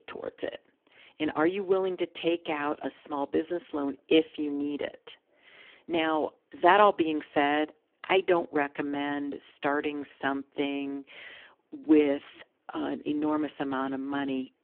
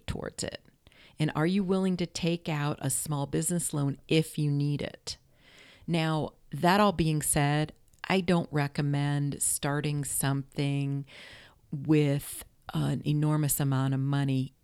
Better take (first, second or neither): second